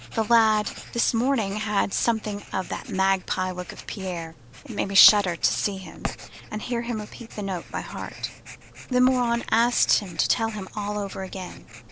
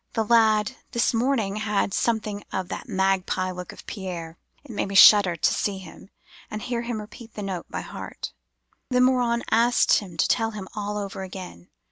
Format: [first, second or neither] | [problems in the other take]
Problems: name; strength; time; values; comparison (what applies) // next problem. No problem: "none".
second | background sound (Writing); 15 dB below the speech